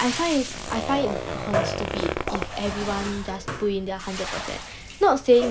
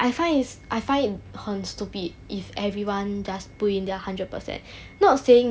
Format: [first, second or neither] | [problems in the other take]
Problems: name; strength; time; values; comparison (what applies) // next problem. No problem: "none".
second | background sound (Bathtub (filling or washing) + Zipper (clothing)); 5 dB below the speech